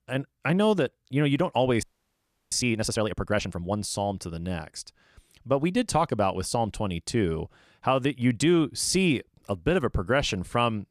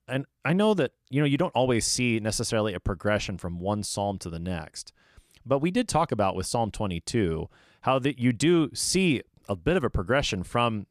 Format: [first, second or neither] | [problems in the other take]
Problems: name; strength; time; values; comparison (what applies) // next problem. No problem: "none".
second | audio freezing; at 2 s for 0.5 s